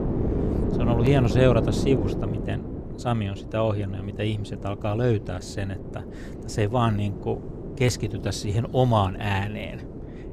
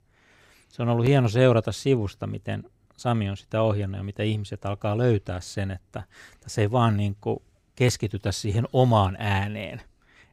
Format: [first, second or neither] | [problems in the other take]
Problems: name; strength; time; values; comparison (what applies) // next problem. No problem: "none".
second | wind noise on the microphone; heavy; 8 dB below the speech